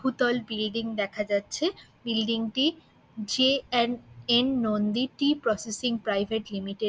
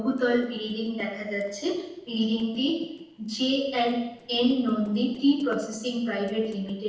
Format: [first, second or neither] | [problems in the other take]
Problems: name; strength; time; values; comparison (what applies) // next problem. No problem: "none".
first | noise reduction (neural separator model SepFormer DNS4)